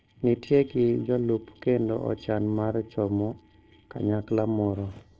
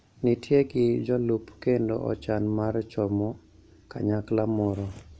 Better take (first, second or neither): second